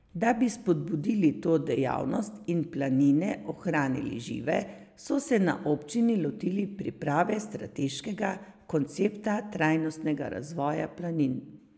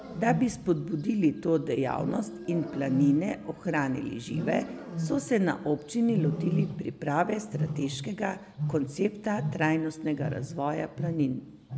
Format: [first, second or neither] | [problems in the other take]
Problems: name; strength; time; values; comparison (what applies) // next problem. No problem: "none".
first | background sound (Wild animals); 7 dB below the speech